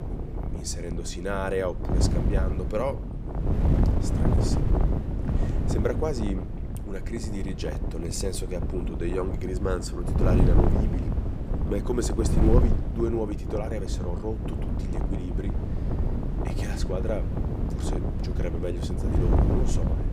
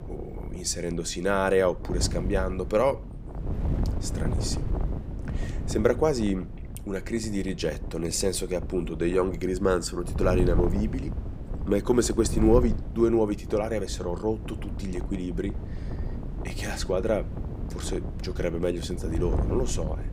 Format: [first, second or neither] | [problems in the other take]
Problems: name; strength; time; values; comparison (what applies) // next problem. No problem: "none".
second | wind noise on the microphone; heavy; 3 dB below the speech; occasional gusts in the second